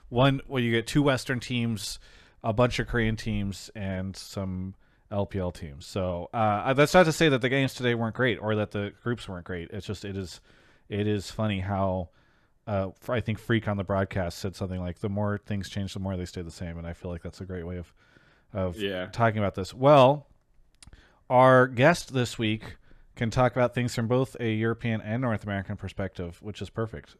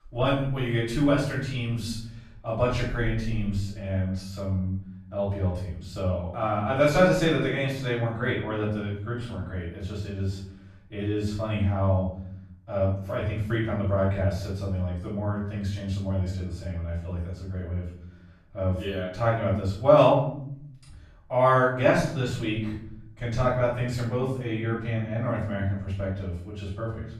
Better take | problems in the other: first | off-mic speech; far // room echo; noticeable; dies away in 0.9 s

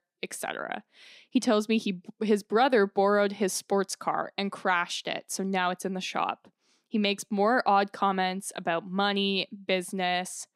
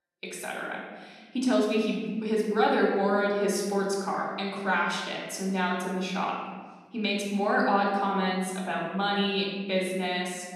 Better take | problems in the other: first | off-mic speech; far // room echo; noticeable; dies away in 1.2 s

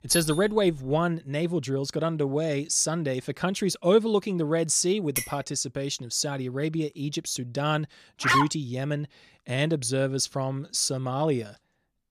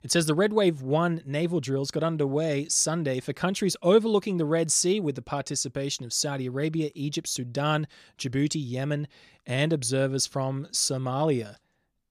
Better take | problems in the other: second | doorbell; noticeable; at the start; peak 2 dB below the speech // clattering dishes; noticeable; at 5 s; peak 4 dB below the speech // dog barking; loud; at 8 s; peak 4 dB above the speech

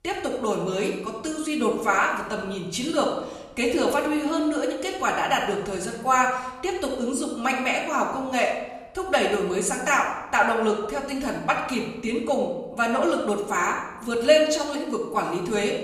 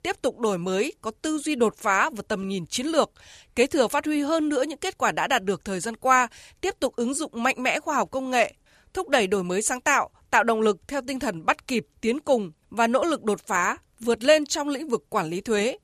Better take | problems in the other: second | room echo; noticeable; dies away in 0.9 s // off-mic speech; far

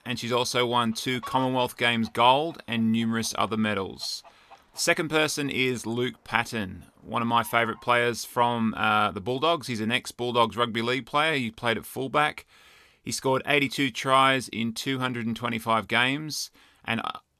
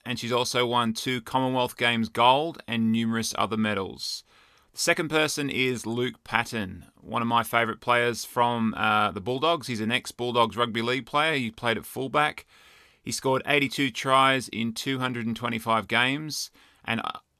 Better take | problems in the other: second | animal sounds; faint; until 8 s; 25 dB below the speech

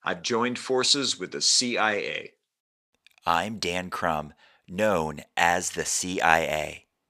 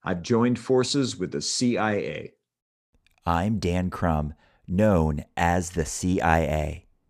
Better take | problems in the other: second | thin; somewhat; fading below 1 kHz

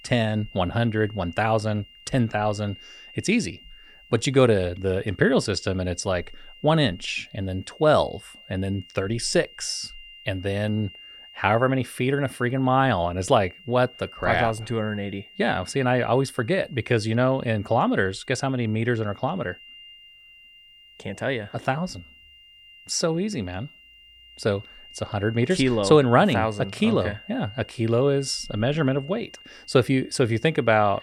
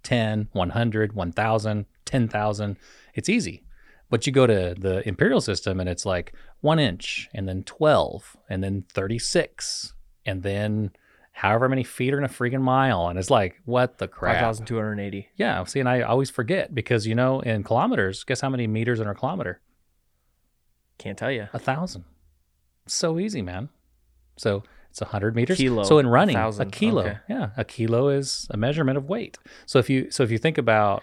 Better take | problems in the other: second | high-pitched whine; faint; throughout; 3 kHz, 20 dB below the speech

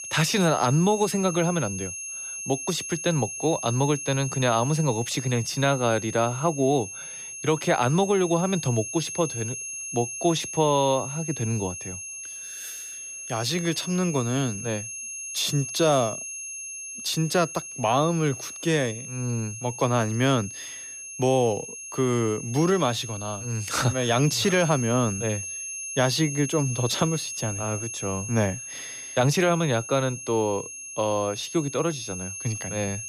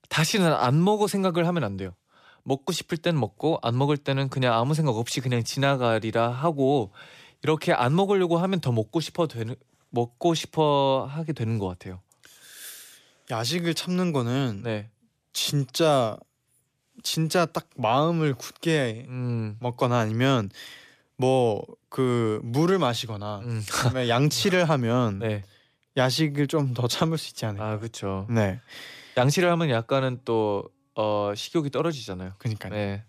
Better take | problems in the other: second | high-pitched whine; loud; throughout; 6.5 kHz, 8 dB below the speech

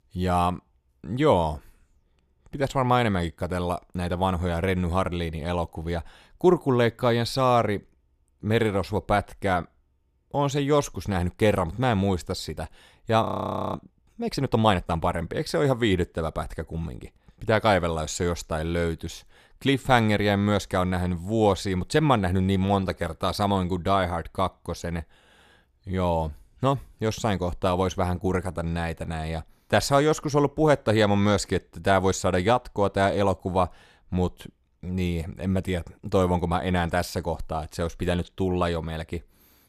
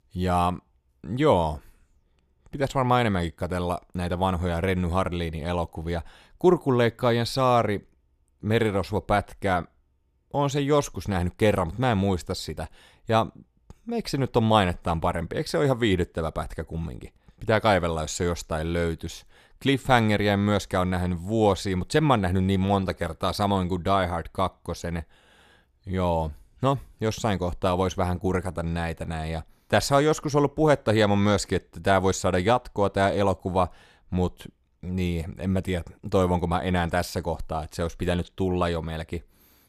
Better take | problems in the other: second | audio freezing; at 13 s for 0.5 s

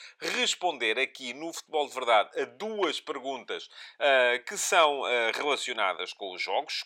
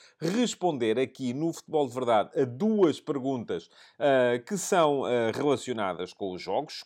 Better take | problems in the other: second | thin; very; fading below 650 Hz

